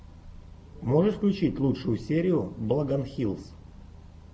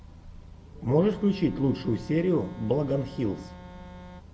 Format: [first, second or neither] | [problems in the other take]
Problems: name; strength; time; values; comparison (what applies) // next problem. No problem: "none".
first | background sound (Organ); 18 dB below the speech